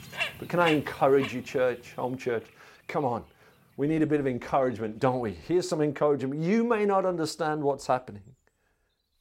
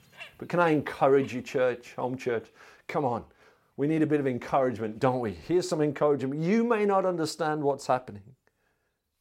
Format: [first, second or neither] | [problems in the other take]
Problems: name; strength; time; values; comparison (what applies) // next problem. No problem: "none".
second | animal sounds; loud; throughout; 7 dB below the speech; faint in the second